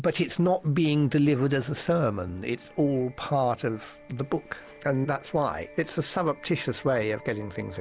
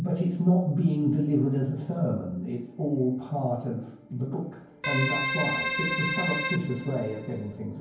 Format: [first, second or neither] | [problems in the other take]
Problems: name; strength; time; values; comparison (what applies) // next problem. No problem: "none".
first | background sound (Keyboard (musical)); 3 dB below the speech // room echo; dies away in 0.9 s